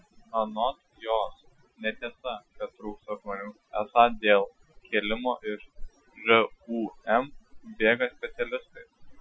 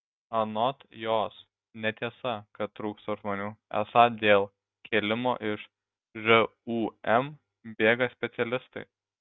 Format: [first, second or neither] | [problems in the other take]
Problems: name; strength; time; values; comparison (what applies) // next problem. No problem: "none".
second | noise reduction (classical method Wiener filter)